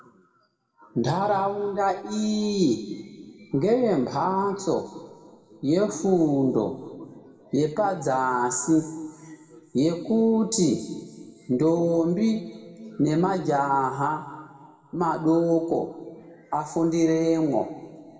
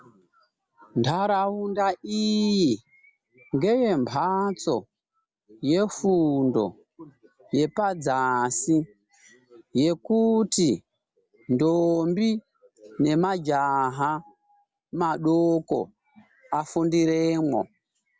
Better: second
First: room echo; dies away in 1.4 s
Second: none

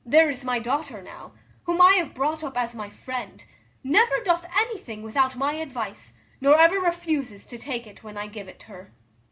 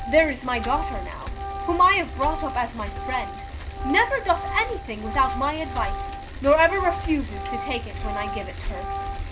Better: first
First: none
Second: background sound (Bicycle + Organ); 5 dB below the speech

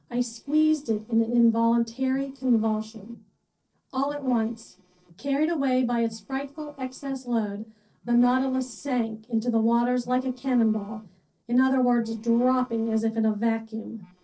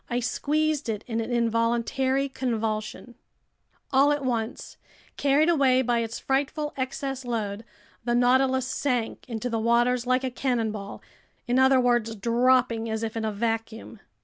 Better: second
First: noise reduction (neural separator model SepFormer DNS4)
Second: none

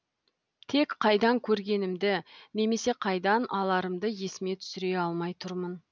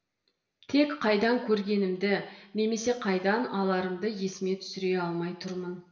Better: first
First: none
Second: room echo; dies away in 0.9 s

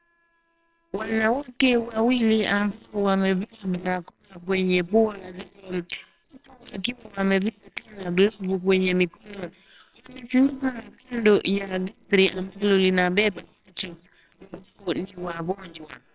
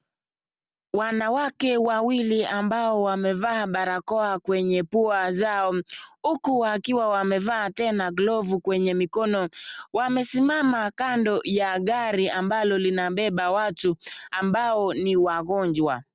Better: second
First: noise reduction (neural separator model SepFormer WHAMR!)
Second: none

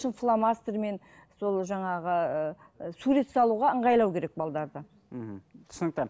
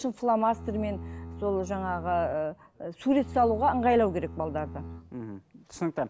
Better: first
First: none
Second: background sound (Bowed string instrument); 12 dB below the speech

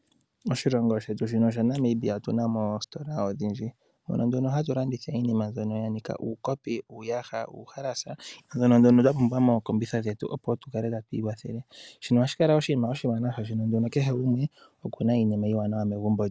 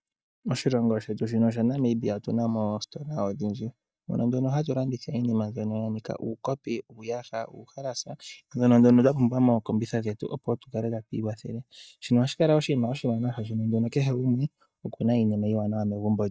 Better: first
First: none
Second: noise reduction (neural mask model DeepFilterNet 3)

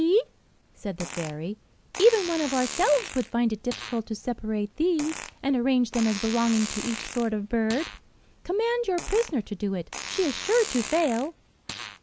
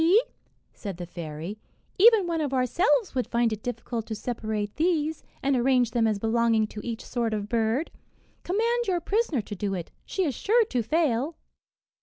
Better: second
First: background sound (Fart); 12 dB below the speech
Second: none

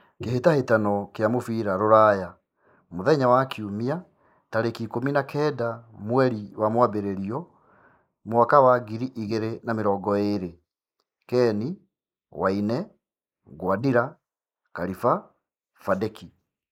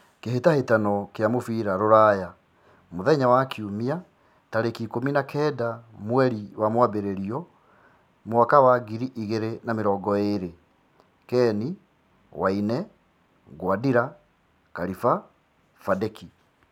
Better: second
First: noise reduction (neural mask model Resemble Enhance denoiser)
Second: none

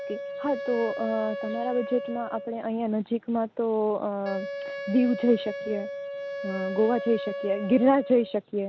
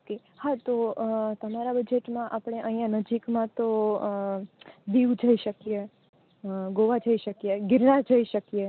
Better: second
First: background sound (Wind instrument, woodwind instrument); 9 dB below the speech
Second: none

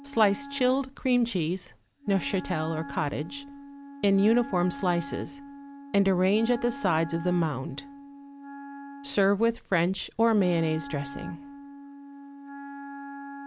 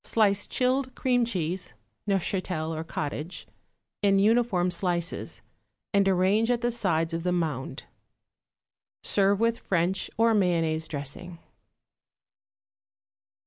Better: second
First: background sound (Wind instrument, woodwind instrument); 14 dB below the speech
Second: none

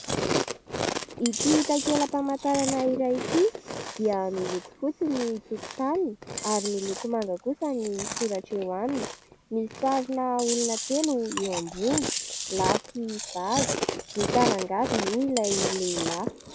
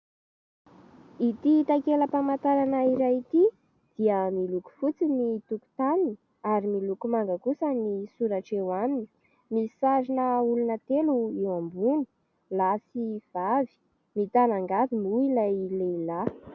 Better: second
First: background sound (Chewing, mastication); 4 dB below the speech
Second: none

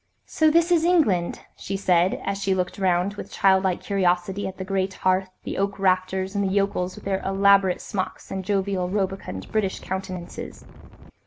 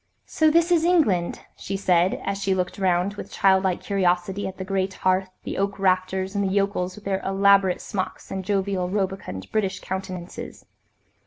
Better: second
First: background sound (Wind); 18 dB below the speech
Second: none

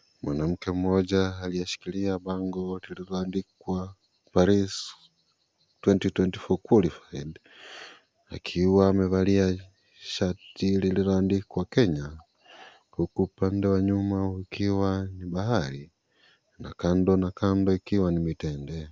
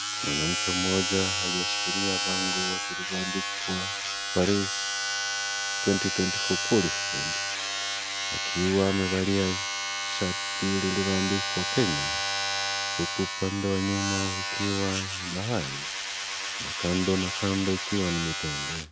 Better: first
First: none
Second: background sound (Domestic sounds, home sounds); as loud as the speech

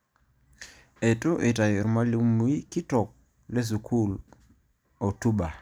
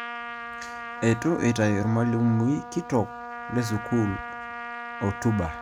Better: first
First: none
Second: background sound (Trumpet); 10 dB below the speech

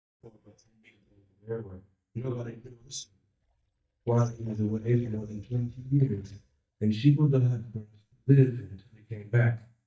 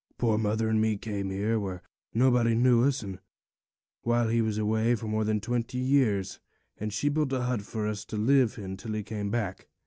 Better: second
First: noise reduction (neural mask model DeepFilterNet 3)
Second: none

